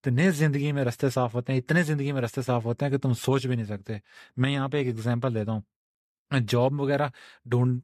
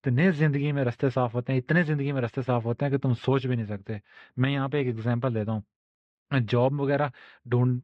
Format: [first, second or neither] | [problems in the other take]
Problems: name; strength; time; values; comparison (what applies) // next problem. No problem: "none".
first | muffled; slightly; fading above 3.5 kHz